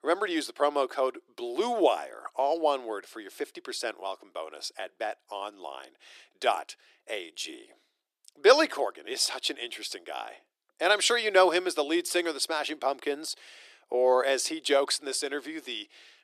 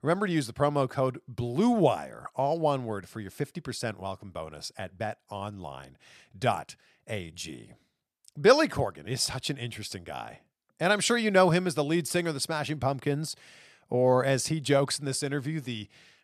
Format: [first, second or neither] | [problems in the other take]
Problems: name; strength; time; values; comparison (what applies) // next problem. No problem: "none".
second | thin; very; fading below 350 Hz